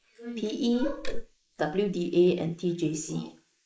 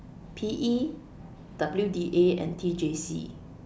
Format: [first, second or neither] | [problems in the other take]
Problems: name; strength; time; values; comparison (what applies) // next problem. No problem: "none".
second | noise reduction (neural mask model Resemble Enhance denoiser)